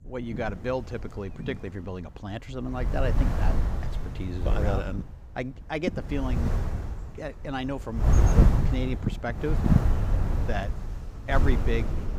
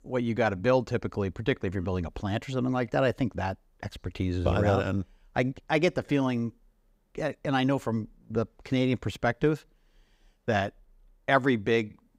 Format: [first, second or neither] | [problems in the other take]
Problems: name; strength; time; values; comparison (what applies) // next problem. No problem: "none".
second | wind noise on the microphone; heavy; 3 dB below the speech